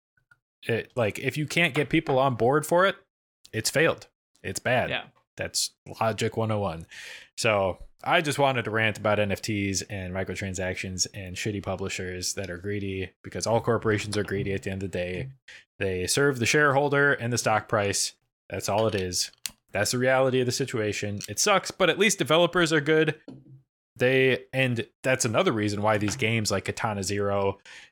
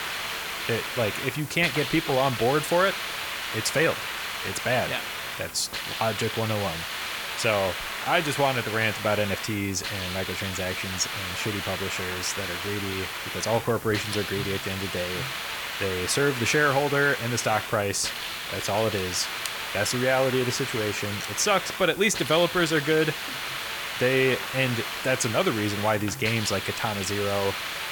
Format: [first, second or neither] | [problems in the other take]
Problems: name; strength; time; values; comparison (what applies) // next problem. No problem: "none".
first | hiss; loud; throughout; 4 dB below the speech